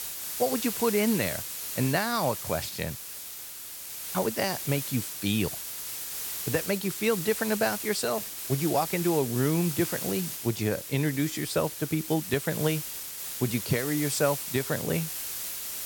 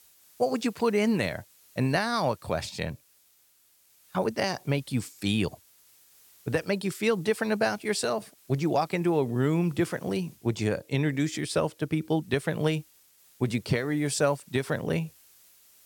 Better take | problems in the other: second | hiss; loud; throughout; 5 dB below the speech; faint in the second

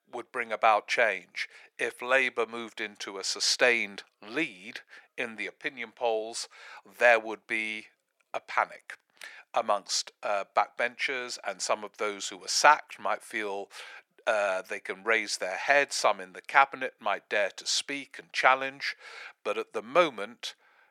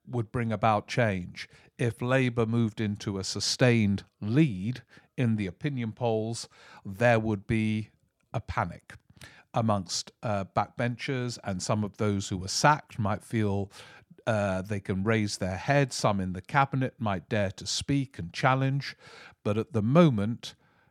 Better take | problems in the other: second | thin; very; fading below 500 Hz

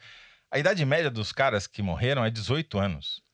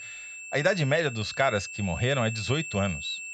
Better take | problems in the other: first | high-pitched whine; loud; throughout; 2.5 kHz, 9 dB below the speech

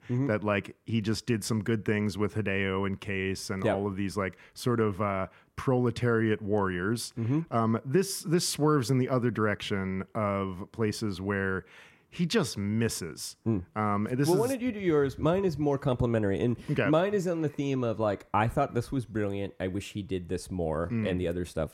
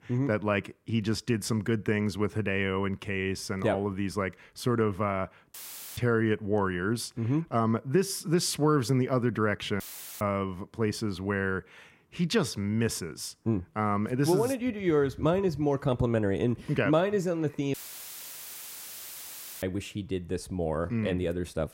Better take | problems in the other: first | audio cutting out; filled with static; at 5.5 s, at 10 s and at 18 s for 2 s

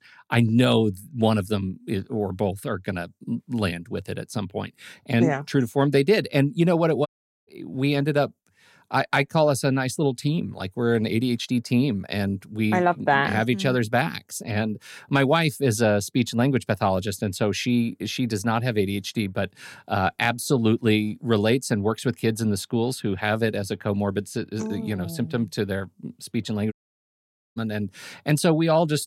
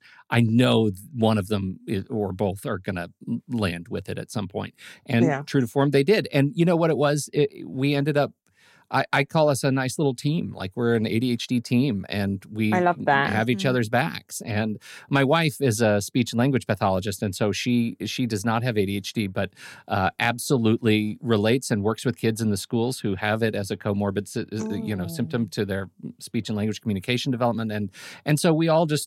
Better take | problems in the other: second | audio cutting out; at 7 s and at 27 s for 1 s

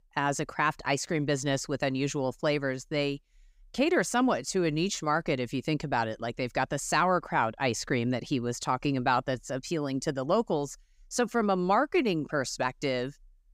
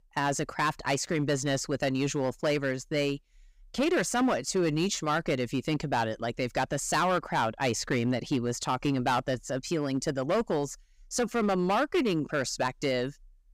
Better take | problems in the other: first | distortion; slight; 7% of the sound clipped

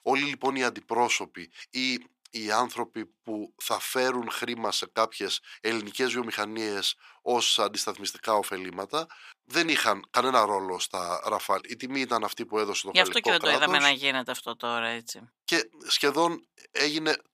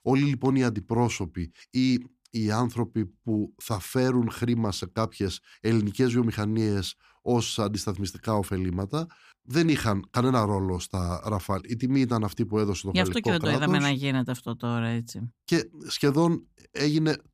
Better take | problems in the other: second | thin; very; fading below 650 Hz

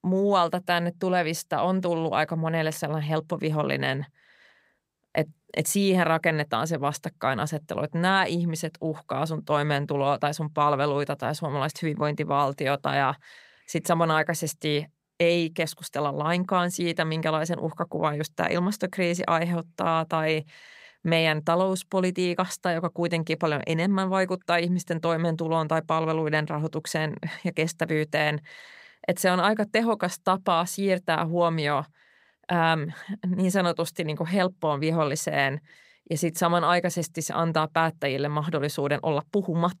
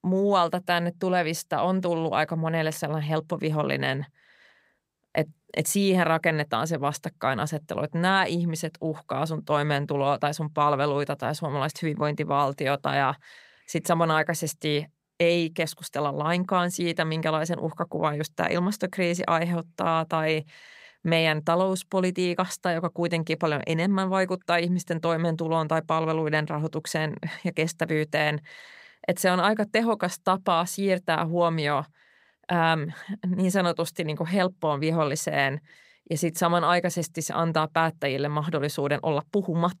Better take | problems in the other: neither | none

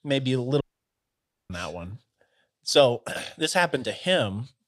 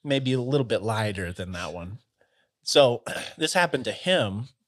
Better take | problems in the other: second | audio cutting out; at 0.5 s for 1 s

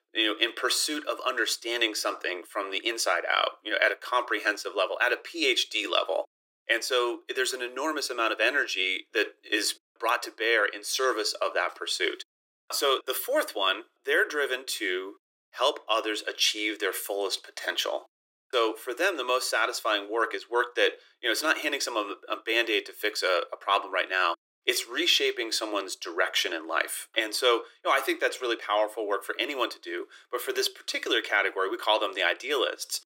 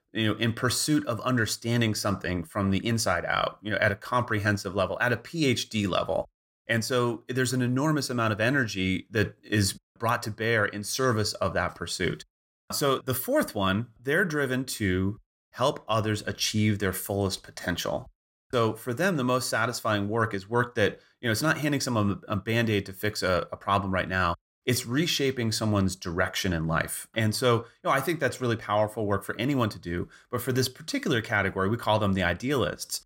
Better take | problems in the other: second | thin; very; fading below 350 Hz

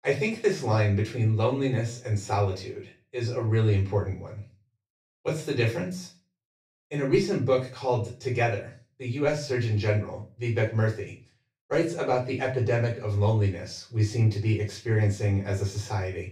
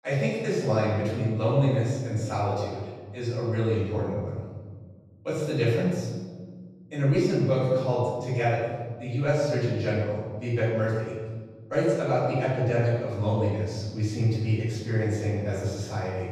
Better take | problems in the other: first | room echo; strong; dies away in 1.5 s; slight in the first // off-mic speech; far; far in the first

